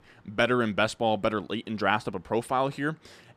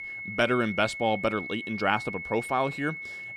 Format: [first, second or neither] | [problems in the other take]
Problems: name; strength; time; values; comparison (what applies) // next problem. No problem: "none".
first | high-pitched whine; loud; throughout; 2 kHz, 7 dB below the speech